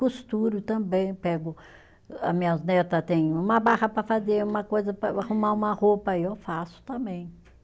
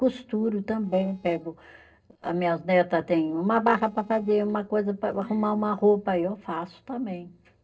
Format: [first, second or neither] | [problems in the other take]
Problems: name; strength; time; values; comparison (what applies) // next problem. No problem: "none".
first | noise reduction (neural separator model SepFormer DNS4)